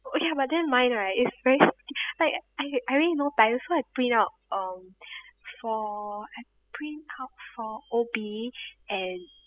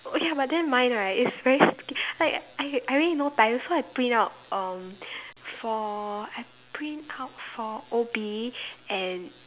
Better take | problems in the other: second | noise reduction (classical method spectral subtraction)

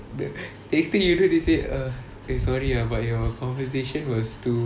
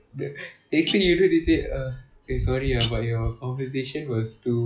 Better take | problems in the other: first | noise reduction (classical method log-MMSE)

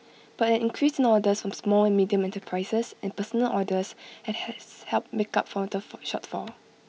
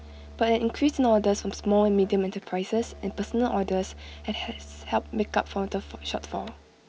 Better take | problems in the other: first | background sound (Musical instrument); 17 dB below the speech

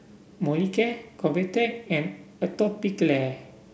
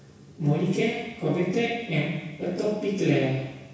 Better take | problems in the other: first | room echo; dies away in 1.1 s

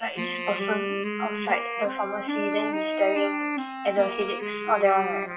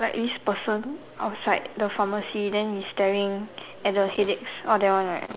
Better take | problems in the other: second | noise reduction (classical method WPE with log-MMSE)

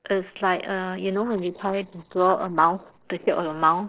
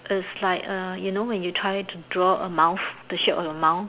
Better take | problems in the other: second | noise reduction (neural separator model SepFormer DNS4)

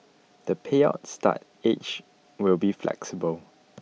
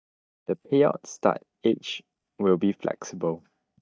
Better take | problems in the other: first | noise reduction (neural mask model DeepFilterNet 3)

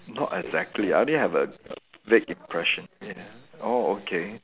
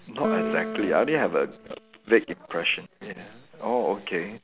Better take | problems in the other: first | background sound (Piano); 8 dB below the speech

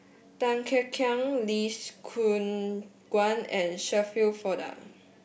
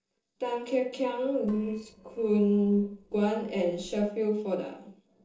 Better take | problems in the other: first | noise reduction (neural separator model SepFormer DNS4)

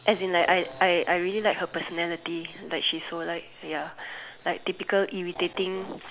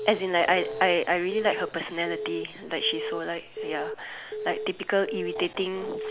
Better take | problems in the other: first | background sound (Alarm / Keyboard (musical)); 8 dB below the speech

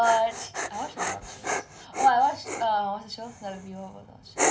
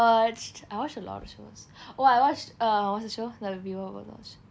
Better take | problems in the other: second | background sound (Dog); 5 dB below the speech // room echo; dies away in 0.4 s

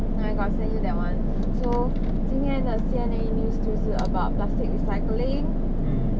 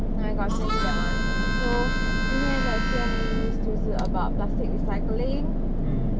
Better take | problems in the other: first | background sound (Harmonica); 9 dB below the speech

